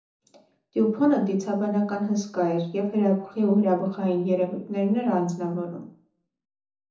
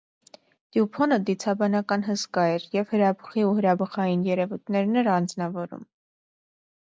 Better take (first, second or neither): second